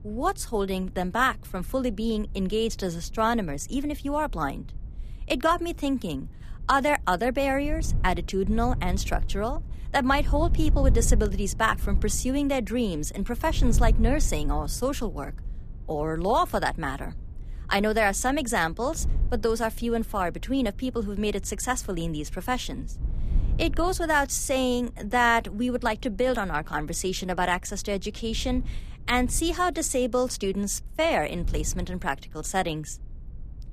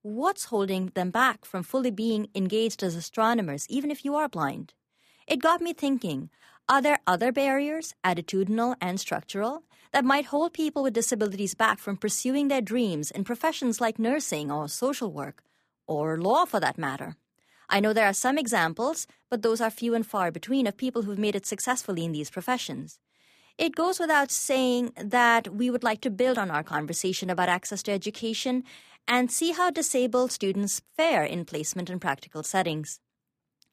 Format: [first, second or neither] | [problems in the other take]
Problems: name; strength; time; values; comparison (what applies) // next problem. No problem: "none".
second | wind noise on the microphone; occasional gusts; 25 dB below the speech